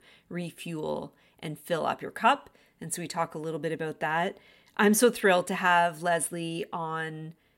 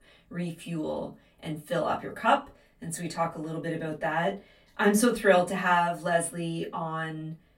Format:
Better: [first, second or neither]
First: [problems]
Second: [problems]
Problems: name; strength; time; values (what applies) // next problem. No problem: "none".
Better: first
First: none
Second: off-mic speech; far // room echo; very slight; dies away in 0.2 s